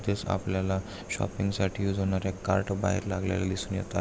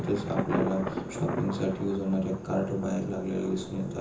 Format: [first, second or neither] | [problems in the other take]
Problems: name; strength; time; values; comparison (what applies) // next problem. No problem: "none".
first | background sound (Thunder); 6 dB below the speech // room echo; dies away in 0.6 s